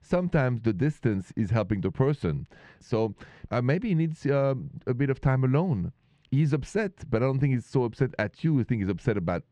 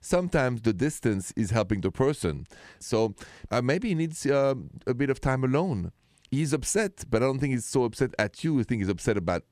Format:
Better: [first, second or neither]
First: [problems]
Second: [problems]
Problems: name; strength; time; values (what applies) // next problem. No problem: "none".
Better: second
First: muffled; slightly; fading above 3 kHz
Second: none